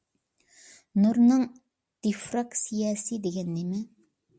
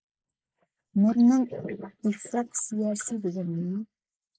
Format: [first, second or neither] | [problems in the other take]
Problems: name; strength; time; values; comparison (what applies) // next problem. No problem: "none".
first | noise reduction (neural mask model Resemble Enhance denoiser)